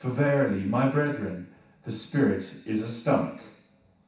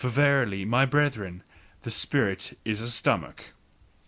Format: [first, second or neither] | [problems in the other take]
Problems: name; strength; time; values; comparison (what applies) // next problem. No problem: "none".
second | room echo; dies away in 0.7 s